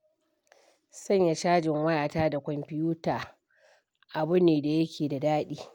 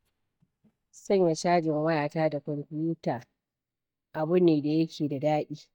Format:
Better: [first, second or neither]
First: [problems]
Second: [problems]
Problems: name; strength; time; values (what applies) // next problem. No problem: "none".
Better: first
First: none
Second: noise reduction (neural mask model DeepFilterNet 3)